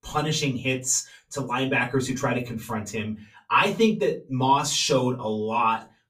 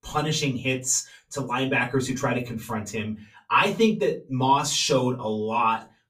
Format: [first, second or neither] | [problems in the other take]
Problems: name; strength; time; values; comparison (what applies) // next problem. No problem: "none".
neither | off-mic speech; far; the same in both // room echo; very slight; dies away in 0.2 s; the same in both